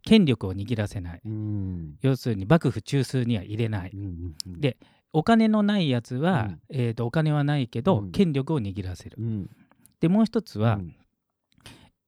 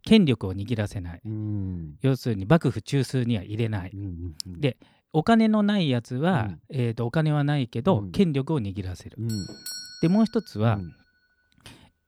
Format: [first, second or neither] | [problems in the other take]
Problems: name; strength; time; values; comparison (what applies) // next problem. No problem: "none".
first | doorbell; noticeable; at 9.5 s; peak 9 dB below the speech